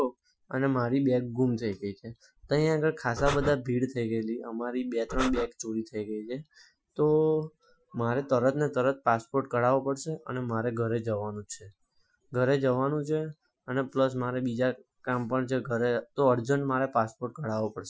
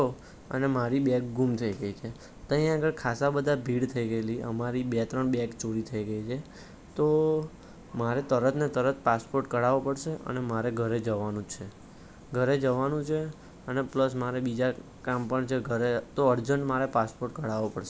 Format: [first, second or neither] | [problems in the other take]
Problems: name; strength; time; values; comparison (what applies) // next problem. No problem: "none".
second | noise reduction (classical method Wiener filter)